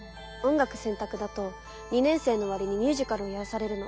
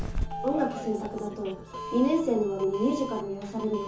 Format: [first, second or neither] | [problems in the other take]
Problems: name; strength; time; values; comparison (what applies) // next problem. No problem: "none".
first | background sound (Doorbell); 8 dB below the speech // room echo; dies away in 0.6 s